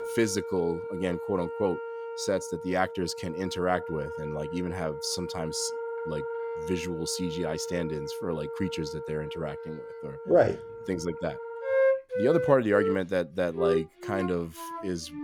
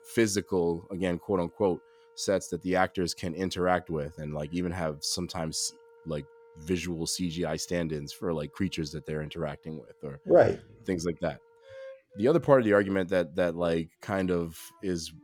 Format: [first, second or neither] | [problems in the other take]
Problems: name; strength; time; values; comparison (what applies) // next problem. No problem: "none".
second | background music; loud; throughout; 4 dB below the speech; faint in the second